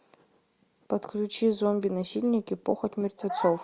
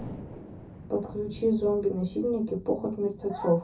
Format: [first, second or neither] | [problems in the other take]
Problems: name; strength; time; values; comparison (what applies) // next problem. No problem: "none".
first | background sound (Thunder); 15 dB below the speech // room echo; dies away in 0.3 s